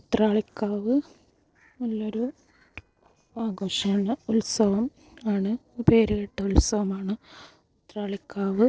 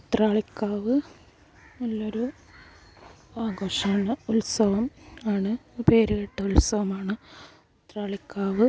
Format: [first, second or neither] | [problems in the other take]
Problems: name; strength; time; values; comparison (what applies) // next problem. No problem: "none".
second | noise reduction (neural separator model SepFormer DNS4)